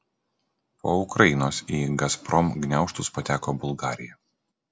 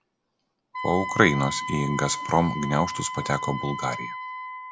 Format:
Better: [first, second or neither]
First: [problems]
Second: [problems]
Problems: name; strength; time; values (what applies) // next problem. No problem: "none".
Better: first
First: none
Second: background sound (Wind instrument, woodwind instrument); 7 dB below the speech